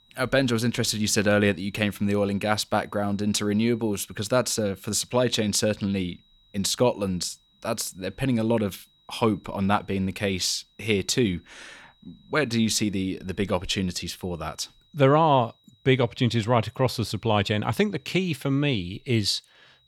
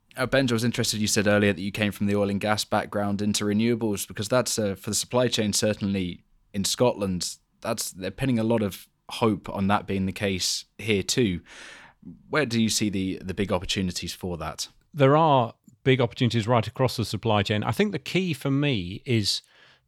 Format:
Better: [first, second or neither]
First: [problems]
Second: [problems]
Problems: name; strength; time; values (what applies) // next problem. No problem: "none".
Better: second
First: high-pitched whine; faint; throughout; 4 kHz, 35 dB below the speech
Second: none